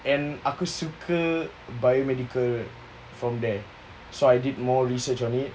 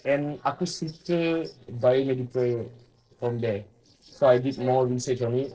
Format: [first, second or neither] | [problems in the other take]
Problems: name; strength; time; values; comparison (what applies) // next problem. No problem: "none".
first | noise reduction (neural separator model SepFormer DNS4)